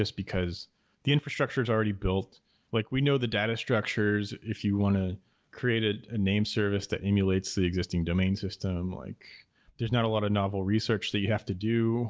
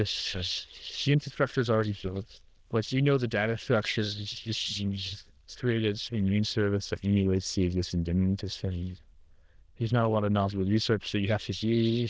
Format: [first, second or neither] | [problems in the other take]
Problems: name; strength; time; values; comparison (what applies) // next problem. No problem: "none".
first | noise reduction (neural diffusion model UNIVERSE++)